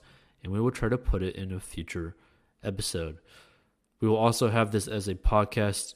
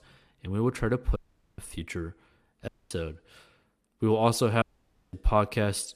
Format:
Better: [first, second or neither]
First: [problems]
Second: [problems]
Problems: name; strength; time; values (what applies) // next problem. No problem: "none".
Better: first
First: none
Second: audio cutting out; at 1 s, at 2.5 s and at 4.5 s for 0.5 s